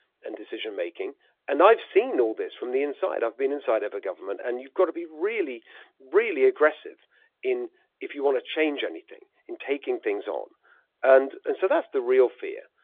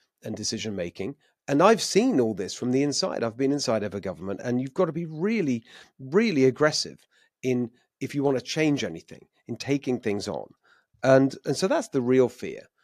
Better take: second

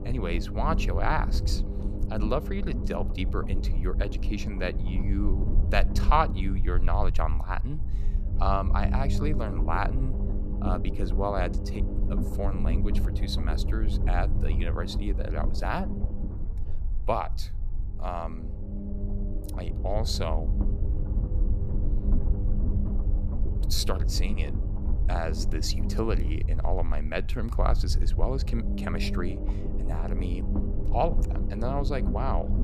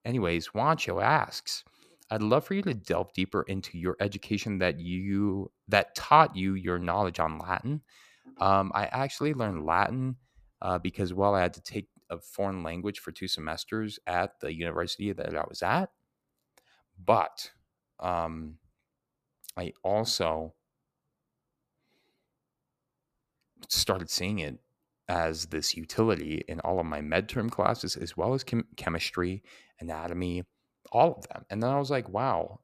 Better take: second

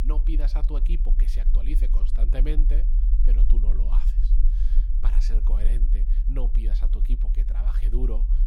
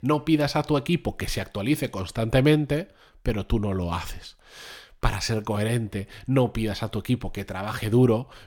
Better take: second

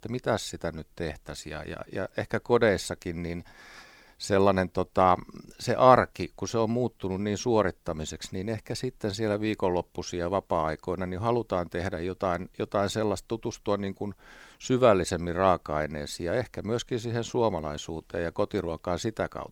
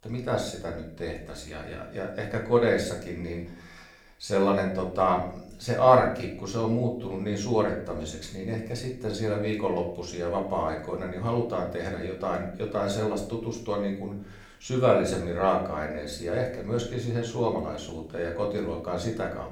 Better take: first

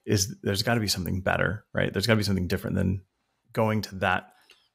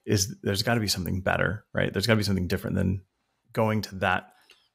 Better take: neither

